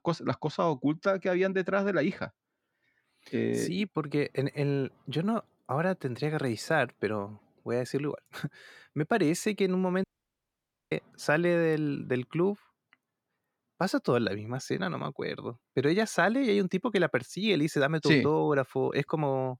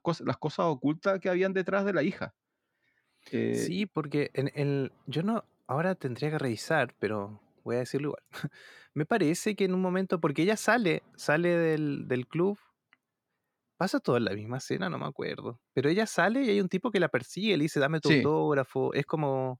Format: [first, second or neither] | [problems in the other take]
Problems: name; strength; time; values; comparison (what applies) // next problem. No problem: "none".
second | audio cutting out; at 10 s for 1 s